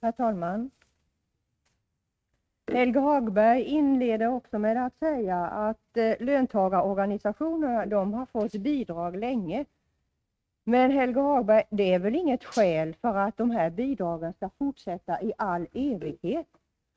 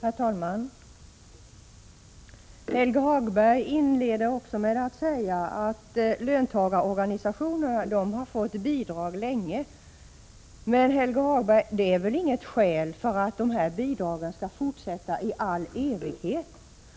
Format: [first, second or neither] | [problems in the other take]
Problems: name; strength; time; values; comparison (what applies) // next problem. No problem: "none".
second | noise reduction (neural mask model RNNoise)